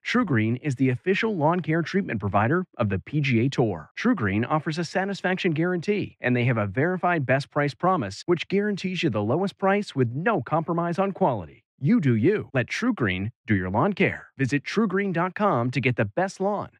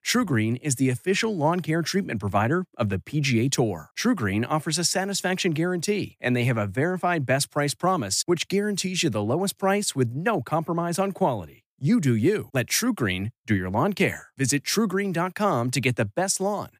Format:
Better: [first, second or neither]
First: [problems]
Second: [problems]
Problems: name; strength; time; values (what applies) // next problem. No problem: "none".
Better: second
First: muffled; slightly; fading above 2.5 kHz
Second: none